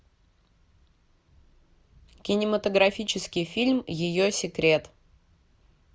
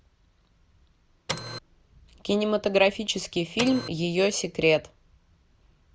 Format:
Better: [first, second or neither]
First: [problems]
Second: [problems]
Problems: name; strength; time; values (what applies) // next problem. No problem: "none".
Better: first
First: none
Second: background sound (Printer); 5 dB below the speech